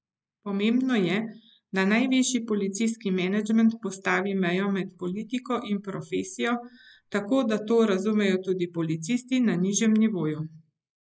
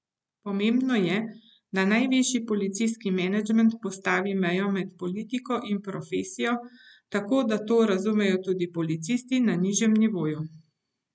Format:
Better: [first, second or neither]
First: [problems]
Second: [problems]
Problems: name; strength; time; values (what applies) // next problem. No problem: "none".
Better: second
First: noise reduction (neural mask model Resemble Enhance denoiser)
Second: none